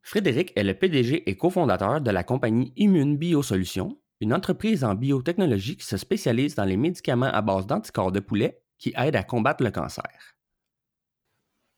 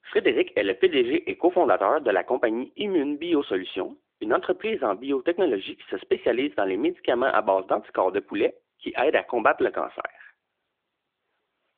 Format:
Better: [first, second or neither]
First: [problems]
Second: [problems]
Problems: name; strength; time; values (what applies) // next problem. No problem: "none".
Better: first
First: none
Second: phone-call audio; nothing above 3.5 kHz